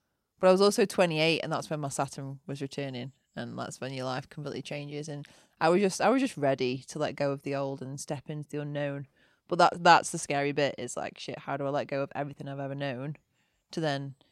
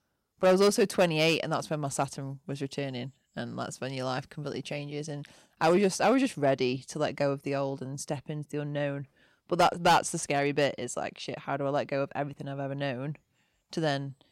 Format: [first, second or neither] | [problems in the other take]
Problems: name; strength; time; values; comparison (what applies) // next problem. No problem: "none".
first | distortion; slight; 1.8% of the sound clipped